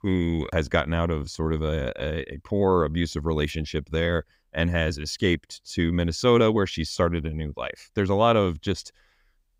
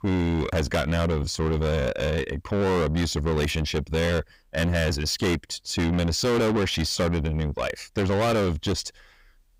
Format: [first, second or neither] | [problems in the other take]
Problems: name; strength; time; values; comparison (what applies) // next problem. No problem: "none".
first | distortion; heavy; 6 dB below the speech